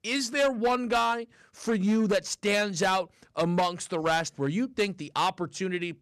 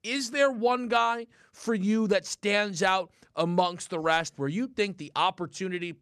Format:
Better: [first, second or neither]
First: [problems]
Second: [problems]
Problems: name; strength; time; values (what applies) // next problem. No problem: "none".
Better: second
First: distortion; slight; 7% of the sound clipped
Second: none